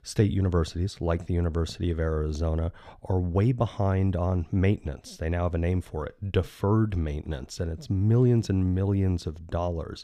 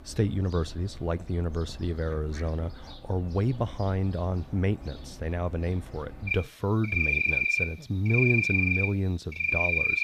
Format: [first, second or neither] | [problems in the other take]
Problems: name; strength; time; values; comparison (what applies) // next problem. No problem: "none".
first | animal sounds; very loud; throughout; 4 dB above the speech